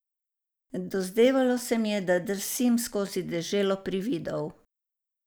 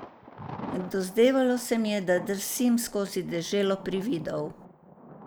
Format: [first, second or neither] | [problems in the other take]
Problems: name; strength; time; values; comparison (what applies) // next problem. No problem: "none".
first | background sound (Thunder); 16 dB below the speech